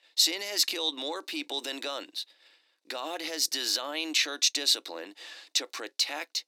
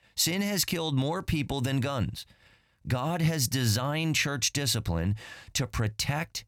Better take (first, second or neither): second